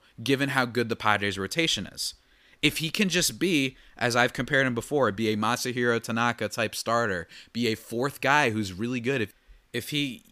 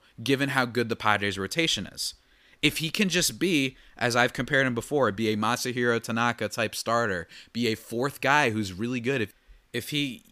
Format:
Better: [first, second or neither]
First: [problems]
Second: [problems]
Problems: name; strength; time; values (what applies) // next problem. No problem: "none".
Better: neither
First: none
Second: none